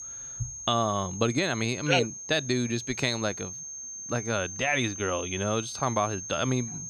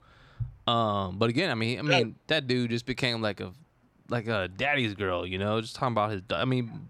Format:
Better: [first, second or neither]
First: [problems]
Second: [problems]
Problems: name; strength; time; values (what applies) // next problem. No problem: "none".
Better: second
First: high-pitched whine; loud; throughout; 6.5 kHz, 8 dB below the speech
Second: none